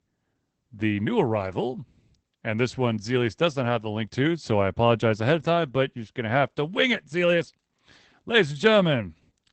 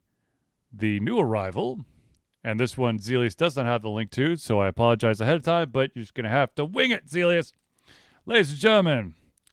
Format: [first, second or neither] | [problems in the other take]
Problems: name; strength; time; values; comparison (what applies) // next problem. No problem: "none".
second | garbled, watery; badly; nothing above 8 kHz; slightly in the second